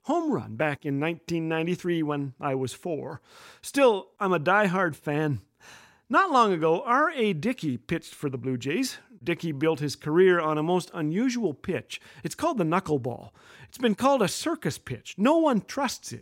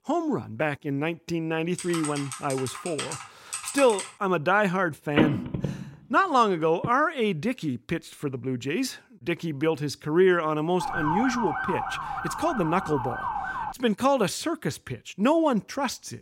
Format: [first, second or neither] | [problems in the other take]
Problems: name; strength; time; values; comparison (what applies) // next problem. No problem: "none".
first | keyboard typing; noticeable; from 2 to 4 s; peak 6 dB below the speech // phone ringing; loud; from 5 to 7 s; peak 1 dB above the speech // siren; noticeable; from 11 to 14 s; peak 1 dB below the speech